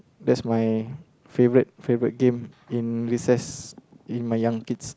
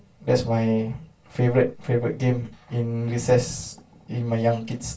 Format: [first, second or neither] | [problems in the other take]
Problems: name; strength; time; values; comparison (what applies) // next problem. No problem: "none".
first | room echo; dies away in 0.2 s